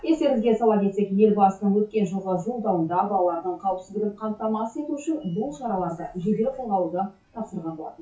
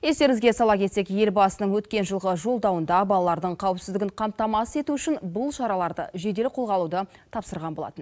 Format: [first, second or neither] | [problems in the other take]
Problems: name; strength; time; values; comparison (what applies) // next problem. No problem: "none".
second | noise reduction (classical method WPE with log-MMSE)